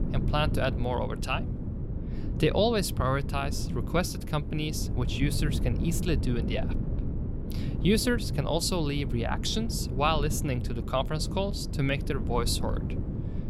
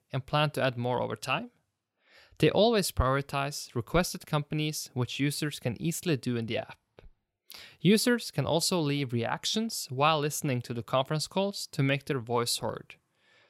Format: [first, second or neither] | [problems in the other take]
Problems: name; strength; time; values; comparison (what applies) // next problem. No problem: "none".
second | wind noise on the microphone; occasional gusts; 10 dB below the speech